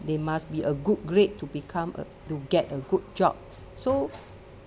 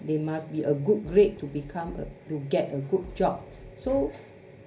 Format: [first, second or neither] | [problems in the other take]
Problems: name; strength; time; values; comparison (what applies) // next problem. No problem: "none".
first | background sound (Fireworks); 18 dB below the speech // room echo; dies away in 0.3 s